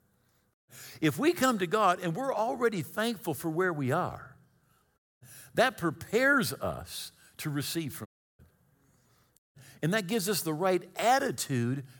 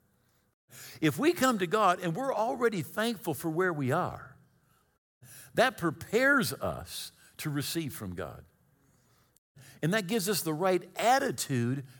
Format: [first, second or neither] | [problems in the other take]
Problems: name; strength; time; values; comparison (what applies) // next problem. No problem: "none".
second | audio cutting out; at 8 s